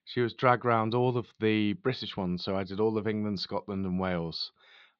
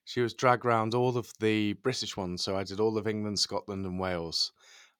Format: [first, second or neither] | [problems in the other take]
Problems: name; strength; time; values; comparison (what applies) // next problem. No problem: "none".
second | muffled; very slightly; fading above 4 kHz